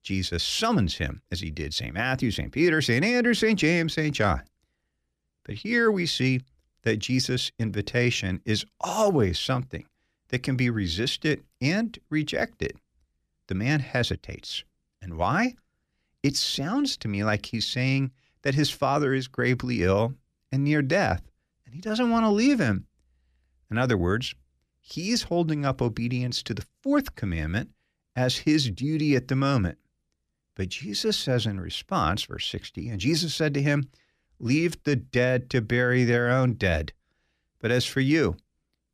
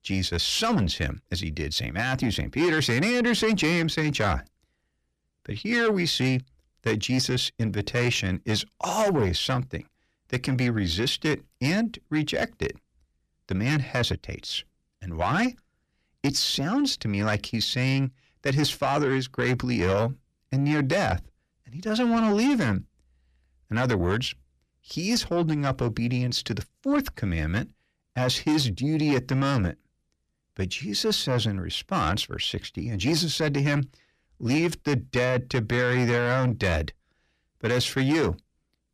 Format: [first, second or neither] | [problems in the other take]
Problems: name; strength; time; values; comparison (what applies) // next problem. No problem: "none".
first | distortion; slight; 10 dB below the speech